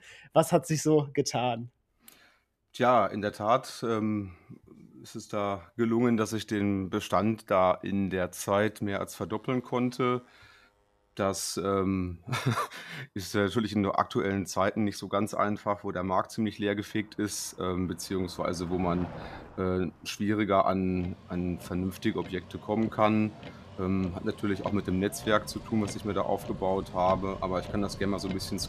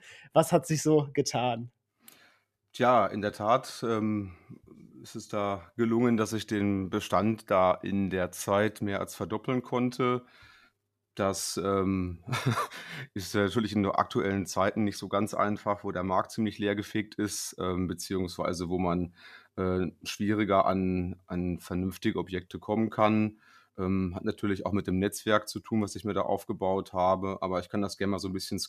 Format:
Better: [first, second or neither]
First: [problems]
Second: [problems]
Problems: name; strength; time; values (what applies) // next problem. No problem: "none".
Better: second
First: traffic noise; noticeable; throughout; 15 dB below the speech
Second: none